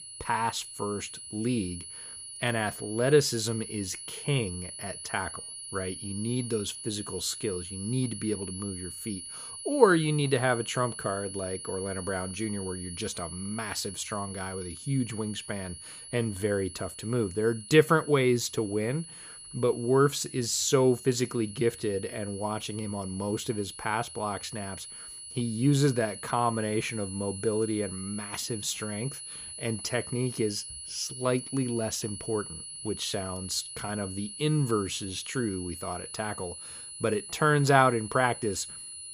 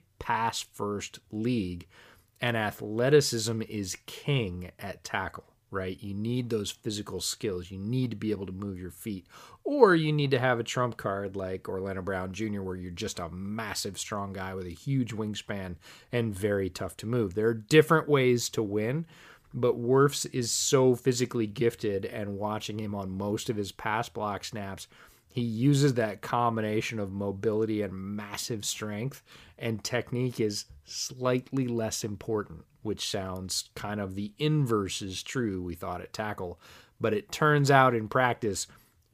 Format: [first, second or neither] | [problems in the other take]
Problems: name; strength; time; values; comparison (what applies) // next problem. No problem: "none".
second | high-pitched whine; loud; throughout; 10 kHz, 10 dB below the speech